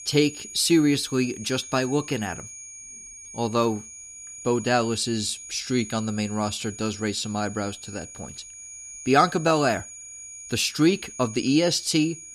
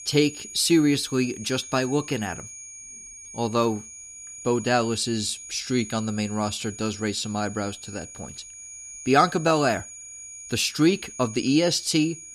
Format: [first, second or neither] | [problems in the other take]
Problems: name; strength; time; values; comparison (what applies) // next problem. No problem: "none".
neither | high-pitched whine; noticeable; throughout; 6.5 kHz, 15 dB below the speech; the same in both